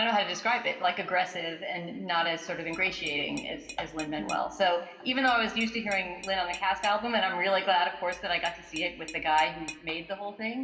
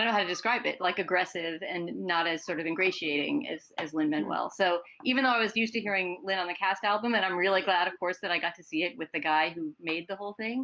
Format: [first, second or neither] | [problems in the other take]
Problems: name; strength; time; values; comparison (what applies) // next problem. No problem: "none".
second | background sound (Tap / Glass); 17 dB below the speech // room echo; dies away in 1.5 s